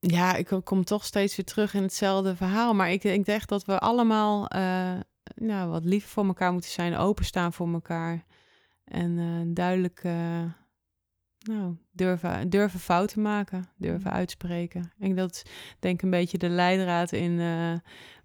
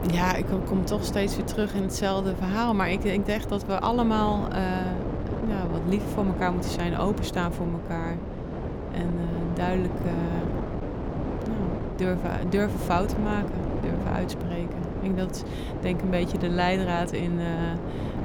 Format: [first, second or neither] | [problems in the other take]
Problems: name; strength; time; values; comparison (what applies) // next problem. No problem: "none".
first | wind noise on the microphone; heavy; 6 dB below the speech